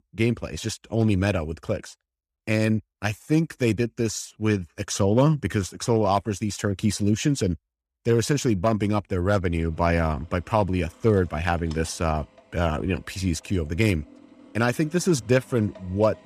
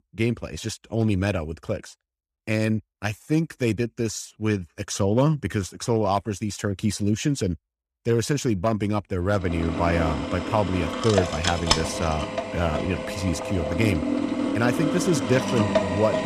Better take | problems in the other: first | machinery noise; loud; from 9.5 s on; 1 dB below the speech; faint in the first

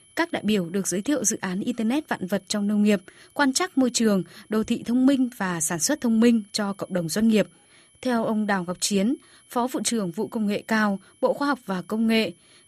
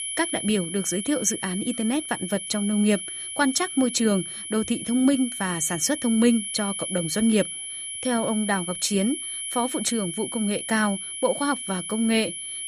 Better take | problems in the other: first | high-pitched whine; loud; throughout; 11 kHz, 6 dB below the speech; faint in the first

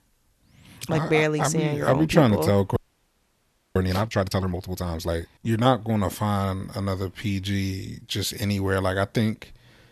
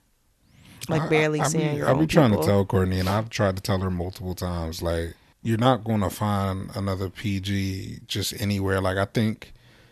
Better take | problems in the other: second | audio freezing; at 3 s for 1 s

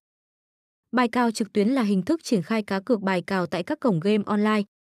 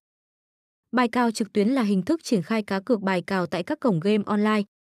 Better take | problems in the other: neither | none

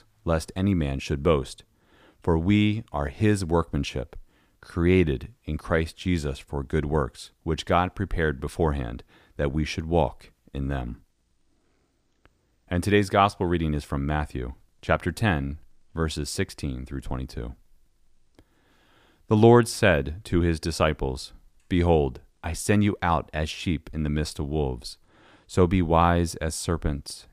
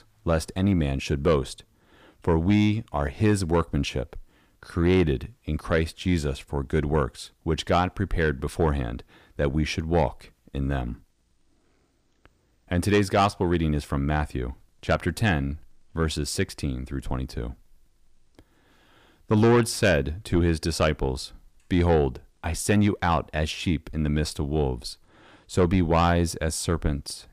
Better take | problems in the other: first | distortion; slight; 10 dB below the speech

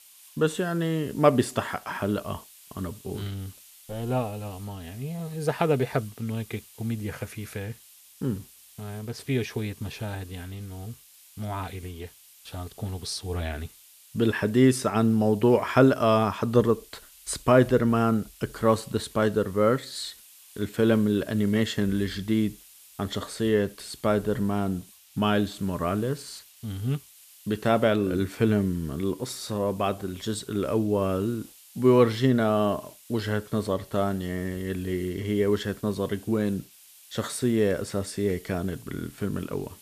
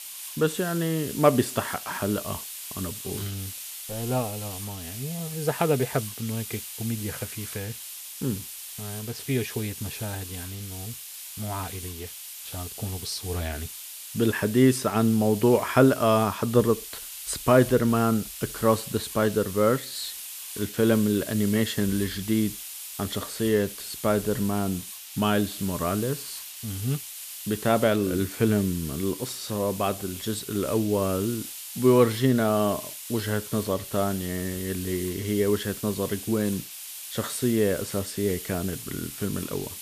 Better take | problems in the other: first | hiss; loud; throughout; 10 dB below the speech; faint in the first

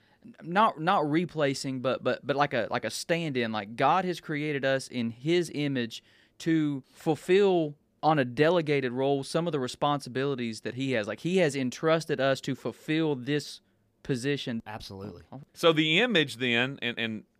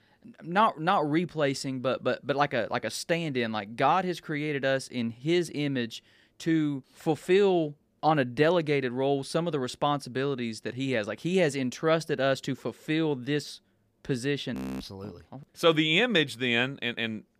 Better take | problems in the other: first | audio freezing; at 15 s

